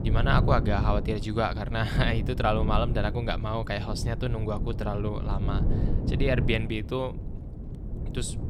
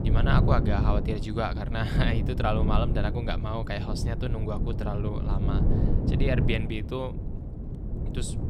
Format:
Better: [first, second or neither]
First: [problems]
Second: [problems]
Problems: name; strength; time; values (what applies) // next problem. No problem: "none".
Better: first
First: wind noise on the microphone; occasional gusts; 10 dB below the speech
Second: wind noise on the microphone; heavy; 6 dB below the speech